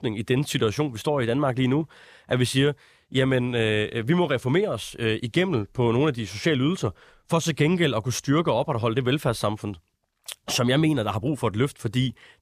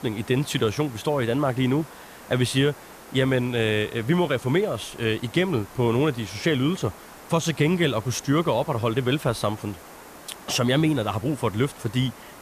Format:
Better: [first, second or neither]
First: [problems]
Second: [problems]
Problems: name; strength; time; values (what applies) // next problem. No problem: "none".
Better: first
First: none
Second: hiss; noticeable; throughout; 20 dB below the speech